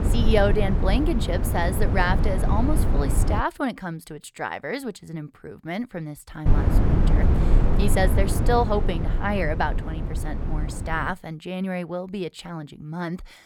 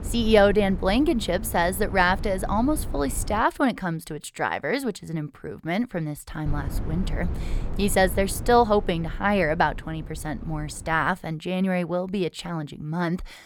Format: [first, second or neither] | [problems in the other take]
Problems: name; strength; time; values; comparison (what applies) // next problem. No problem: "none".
second | low rumble; loud; until 3.5 s and from 6.5 to 11 s; 7 dB below the speech; faint in the second